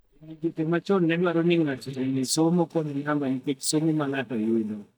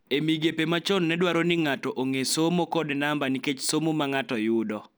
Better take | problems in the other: second | noise reduction (neural mask model DeepFilterNet 3)

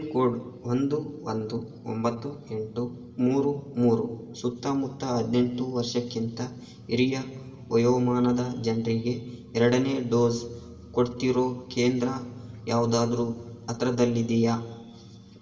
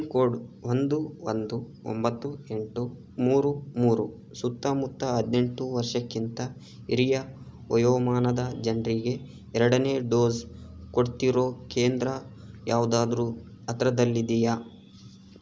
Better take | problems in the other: second | room echo; dies away in 2 s

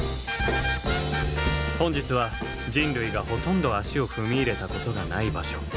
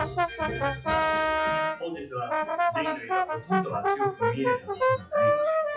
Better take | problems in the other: first | noise reduction (classical method WPE with log-MMSE)

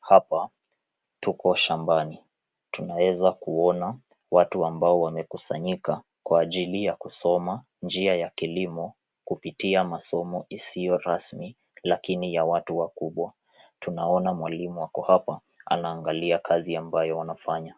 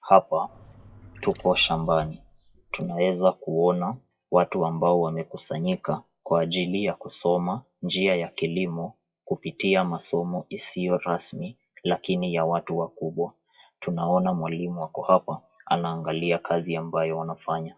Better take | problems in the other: first | noise reduction (classical method WPE with log-MMSE)

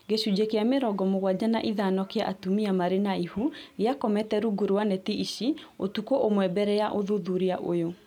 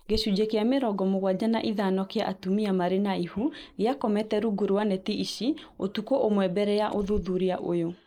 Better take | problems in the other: first | noise reduction (neural mask model Resemble Enhance denoiser)

